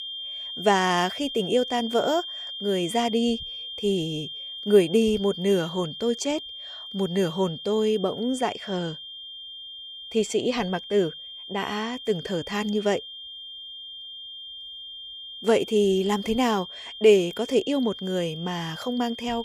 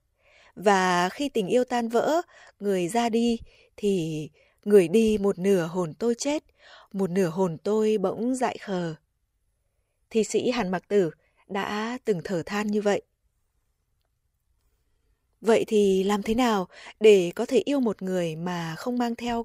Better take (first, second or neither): second